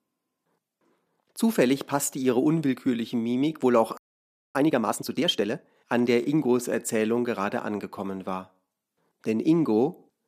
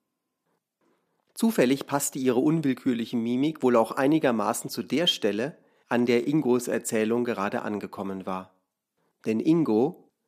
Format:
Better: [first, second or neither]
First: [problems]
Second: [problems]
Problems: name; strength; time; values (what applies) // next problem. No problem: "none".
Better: second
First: audio freezing; at 4 s for 0.5 s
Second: none